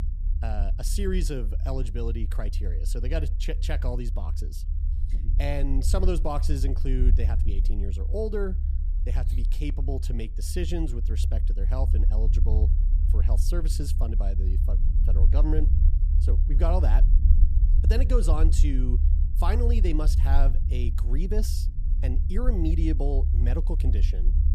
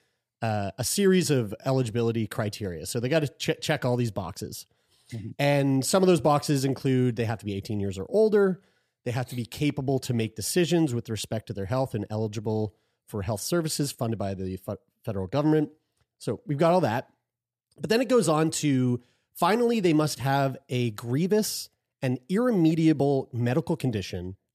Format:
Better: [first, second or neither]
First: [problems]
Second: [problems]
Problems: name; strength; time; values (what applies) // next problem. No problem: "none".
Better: second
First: low rumble; loud; throughout; 10 dB below the speech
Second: none